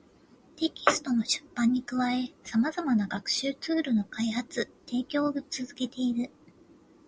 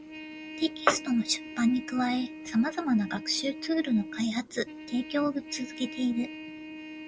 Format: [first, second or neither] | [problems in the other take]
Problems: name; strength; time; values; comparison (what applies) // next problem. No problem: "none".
first | background sound (Trumpet); 12 dB below the speech